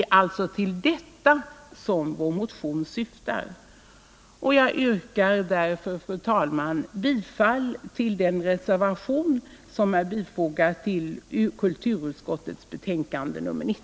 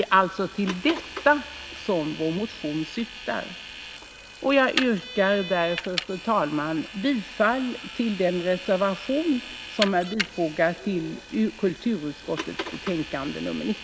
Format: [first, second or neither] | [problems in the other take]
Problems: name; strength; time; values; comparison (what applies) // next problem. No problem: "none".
first | background sound (Vehicle); 11 dB below the speech